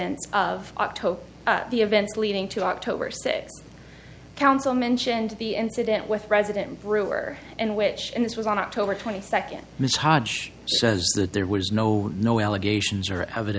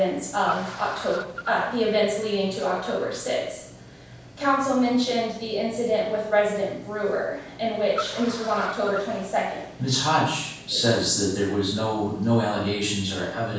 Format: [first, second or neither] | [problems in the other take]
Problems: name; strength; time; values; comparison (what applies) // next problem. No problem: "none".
first | background sound (Car); 17 dB below the speech // room echo; dies away in 0.7 s